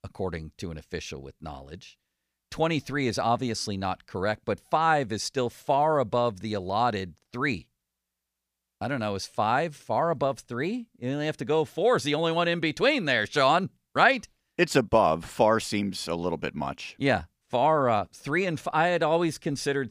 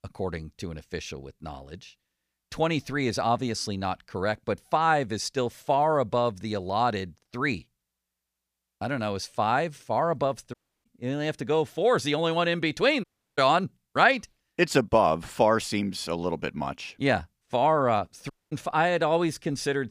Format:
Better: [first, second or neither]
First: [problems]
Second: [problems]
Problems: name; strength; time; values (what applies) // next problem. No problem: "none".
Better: first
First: none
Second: audio cutting out; at 11 s, at 13 s and at 18 s